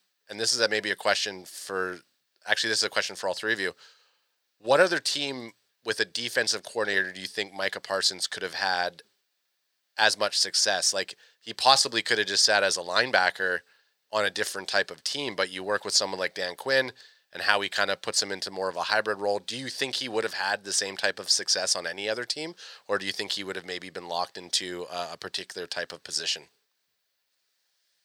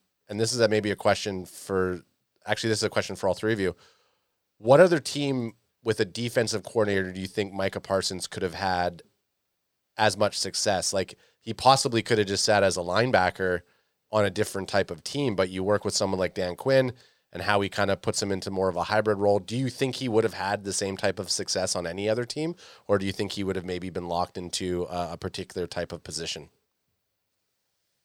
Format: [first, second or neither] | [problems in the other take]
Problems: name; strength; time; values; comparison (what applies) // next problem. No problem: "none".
second | thin; somewhat; fading below 800 Hz